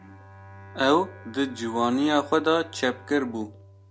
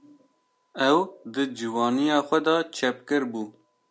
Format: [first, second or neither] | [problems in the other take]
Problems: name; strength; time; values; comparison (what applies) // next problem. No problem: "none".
second | background sound (Bowed string instrument); 20 dB below the speech